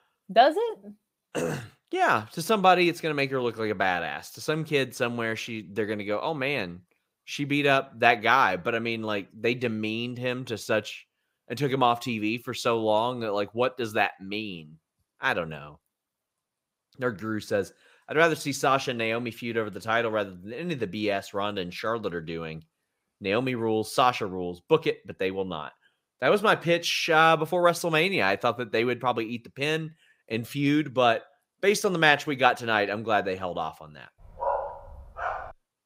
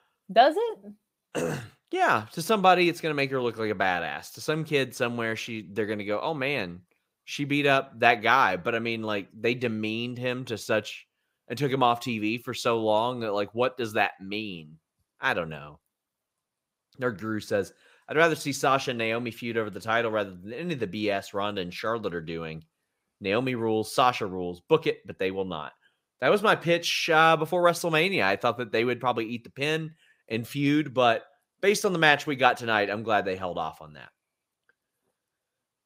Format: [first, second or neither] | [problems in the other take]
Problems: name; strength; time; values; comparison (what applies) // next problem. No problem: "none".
second | dog barking; noticeable; from 34 s on; peak 4 dB below the speech